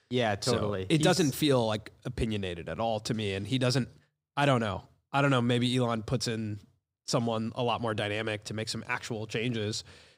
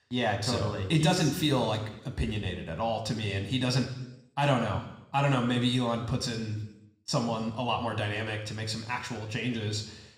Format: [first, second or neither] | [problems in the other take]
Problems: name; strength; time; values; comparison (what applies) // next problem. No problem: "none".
first | room echo; slight; dies away in 0.8 s